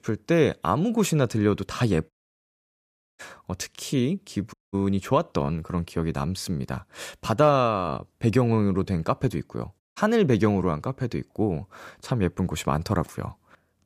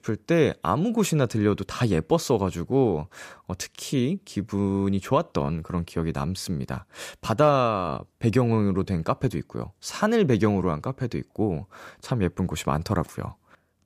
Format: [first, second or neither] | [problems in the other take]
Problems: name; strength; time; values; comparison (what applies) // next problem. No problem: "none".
second | audio cutting out; at 2 s for 1 s, at 4.5 s and at 10 s